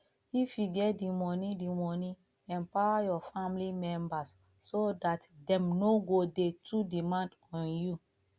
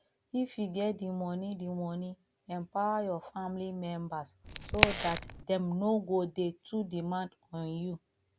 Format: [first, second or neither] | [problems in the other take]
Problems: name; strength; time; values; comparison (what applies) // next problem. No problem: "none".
first | background sound (Crack); 4 dB above the speech